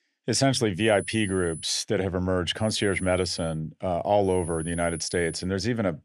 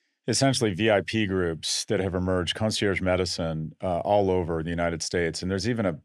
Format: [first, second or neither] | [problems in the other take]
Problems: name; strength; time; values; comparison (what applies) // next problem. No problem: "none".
second | high-pitched whine; noticeable; at 1 s, at 2.5 s and from 4.5 to 5.5 s; 10 kHz, 15 dB below the speech